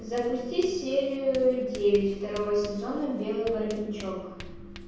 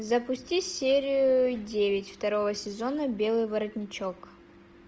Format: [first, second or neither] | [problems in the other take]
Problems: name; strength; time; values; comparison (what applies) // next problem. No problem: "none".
second | background sound (Writing); 18 dB below the speech // room echo; dies away in 1.3 s